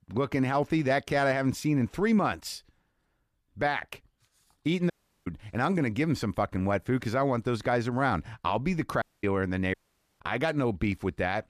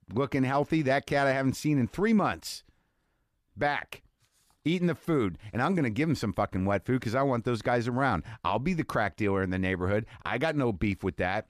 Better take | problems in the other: second | audio cutting out; at 5 s, at 9 s and at 9.5 s

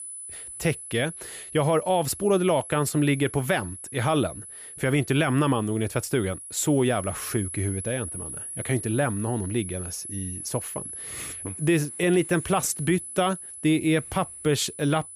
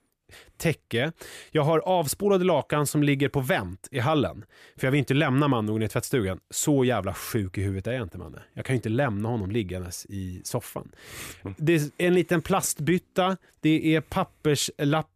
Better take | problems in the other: second | high-pitched whine; noticeable; throughout; 10 kHz, 10 dB below the speech

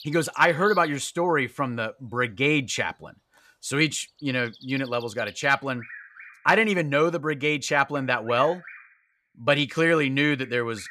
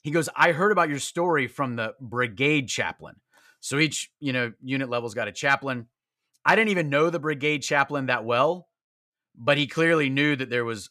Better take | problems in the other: second | animal sounds; faint; throughout; 20 dB below the speech

